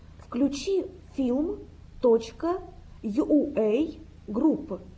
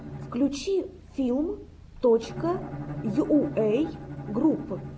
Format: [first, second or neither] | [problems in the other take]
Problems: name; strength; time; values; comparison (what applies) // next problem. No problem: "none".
first | background sound (Bowed string instrument); 12 dB below the speech